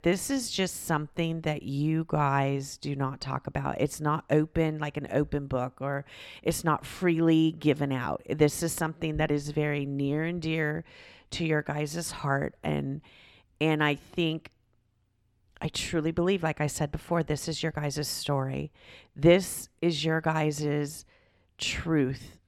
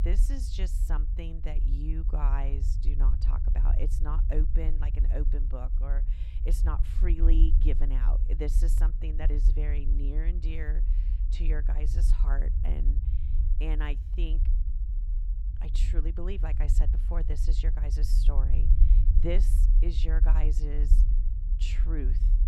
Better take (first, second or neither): first